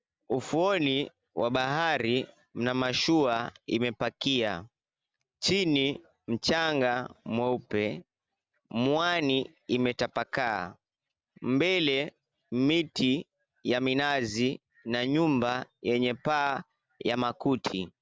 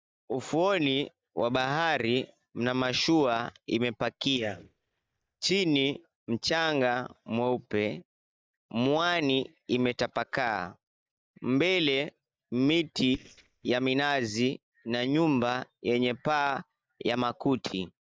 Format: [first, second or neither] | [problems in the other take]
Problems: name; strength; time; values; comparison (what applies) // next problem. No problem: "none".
first | noise reduction (neural mask model DeepFilterNet 3)